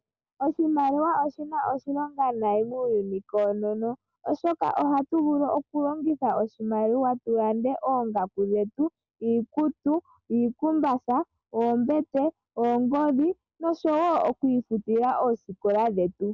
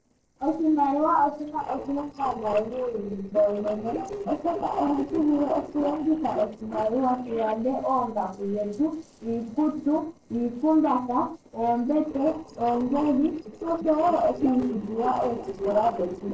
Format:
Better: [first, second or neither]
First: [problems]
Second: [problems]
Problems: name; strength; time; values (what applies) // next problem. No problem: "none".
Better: first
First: none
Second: noise reduction (neural separator model SepFormer DNS4)